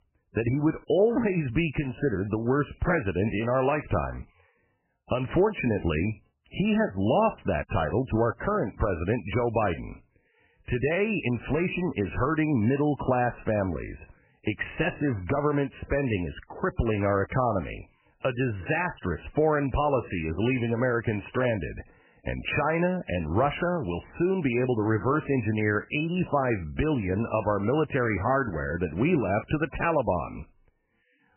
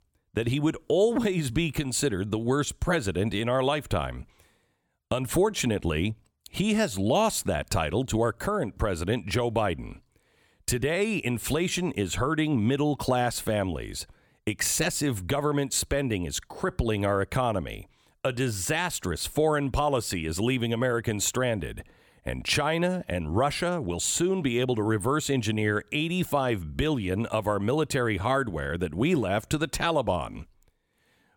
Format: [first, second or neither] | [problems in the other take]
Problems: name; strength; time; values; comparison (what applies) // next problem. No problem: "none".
second | garbled, watery; badly; nothing above 3 kHz